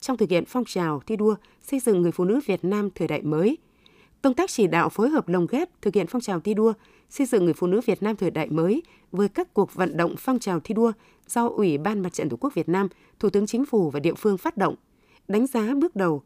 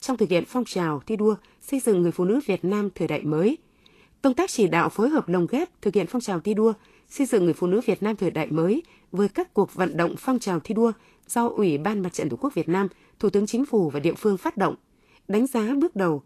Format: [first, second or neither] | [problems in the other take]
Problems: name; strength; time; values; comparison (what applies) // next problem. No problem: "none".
first | garbled, watery; slightly; nothing above 13 kHz